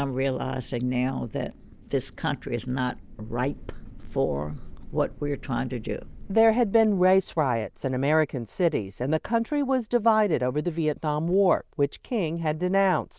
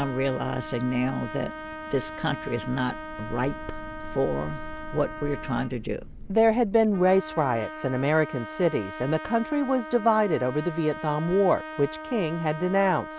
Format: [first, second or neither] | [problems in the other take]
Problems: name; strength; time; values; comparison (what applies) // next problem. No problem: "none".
first | background sound (Trumpet); 12 dB below the speech